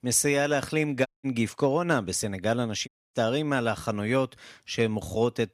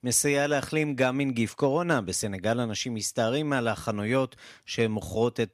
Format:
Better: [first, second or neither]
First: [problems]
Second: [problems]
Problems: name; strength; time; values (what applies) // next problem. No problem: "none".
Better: second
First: audio cutting out; at 1 s and at 3 s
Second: none